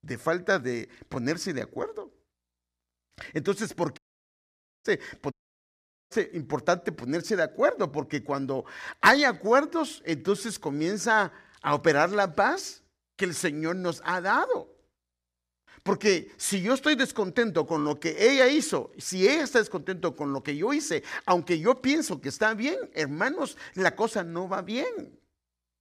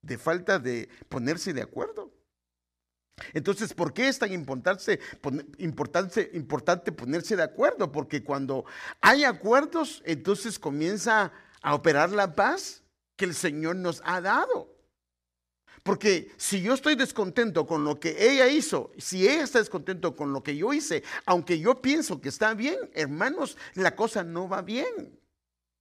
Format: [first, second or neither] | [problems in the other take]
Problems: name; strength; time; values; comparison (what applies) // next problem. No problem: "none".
second | audio cutting out; at 4 s for 1 s and at 5.5 s for 1 s